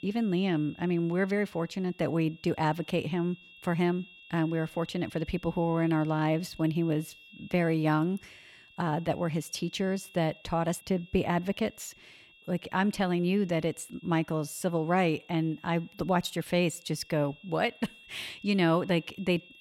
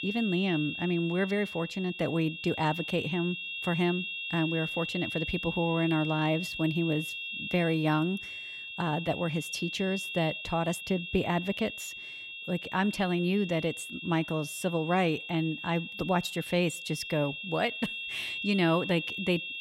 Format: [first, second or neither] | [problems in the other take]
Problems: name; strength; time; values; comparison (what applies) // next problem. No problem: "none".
first | high-pitched whine; loud; throughout; 2.5 kHz, 6 dB below the speech; faint in the first